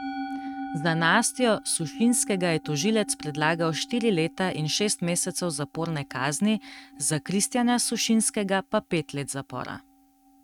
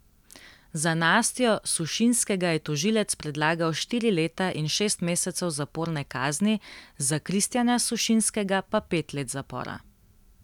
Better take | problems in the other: second | noise reduction (neural mask model RNNoise)

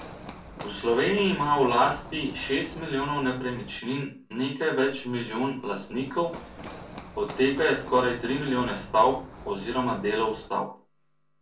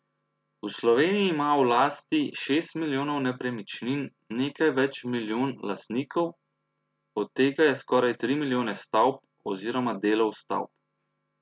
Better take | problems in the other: second | background sound (Run); 16 dB below the speech // room echo; dies away in 0.3 s

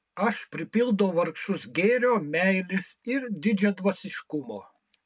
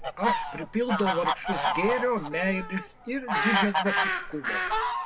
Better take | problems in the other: first | background sound (Fowl); 1 dB above the speech

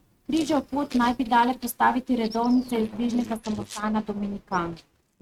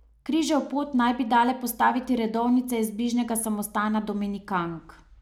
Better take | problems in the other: second | noise reduction (neural mask model RNNoise)

